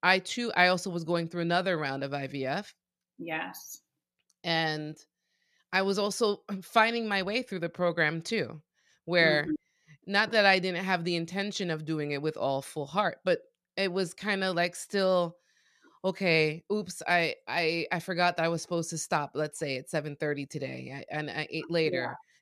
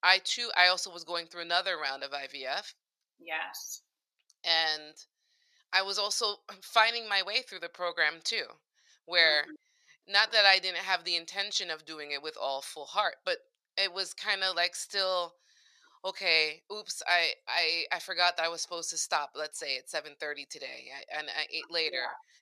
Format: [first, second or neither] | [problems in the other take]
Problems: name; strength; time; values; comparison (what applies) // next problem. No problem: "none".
first | thin; very; fading below 800 Hz